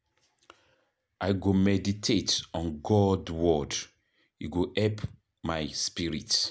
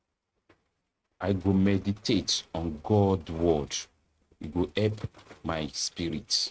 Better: first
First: none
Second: noise reduction (neural mask model RNNoise)

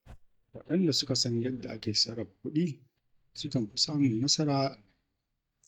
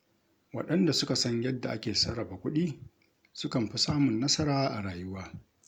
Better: second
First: noise reduction (neural mask model DeepFilterNet 3)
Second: none

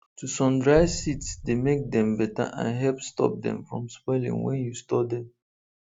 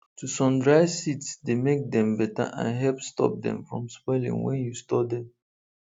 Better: second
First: background sound (Boom); 15 dB below the speech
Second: none

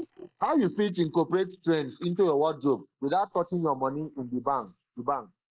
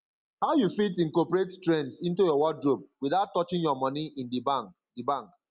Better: second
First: noise reduction (neural mask model Resemble Enhance denoiser)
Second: none

